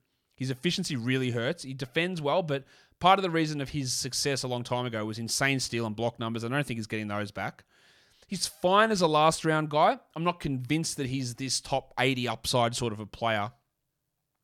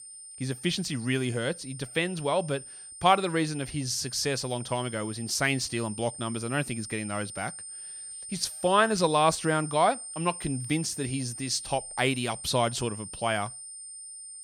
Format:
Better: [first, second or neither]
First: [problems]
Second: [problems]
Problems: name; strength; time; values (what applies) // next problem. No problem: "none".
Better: first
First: none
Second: high-pitched whine; noticeable; throughout; 9 kHz, 10 dB below the speech